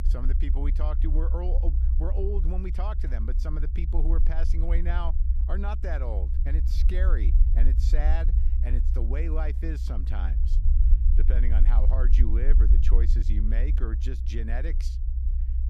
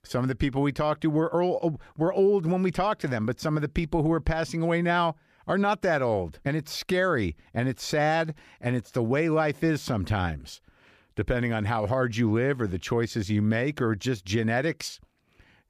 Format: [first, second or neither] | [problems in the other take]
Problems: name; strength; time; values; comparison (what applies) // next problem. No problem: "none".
second | low rumble; loud; throughout; 7 dB below the speech